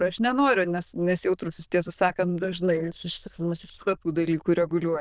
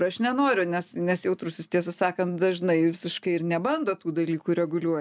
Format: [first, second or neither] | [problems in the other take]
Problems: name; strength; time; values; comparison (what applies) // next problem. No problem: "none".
second | noise reduction (neural diffusion model UNIVERSE++)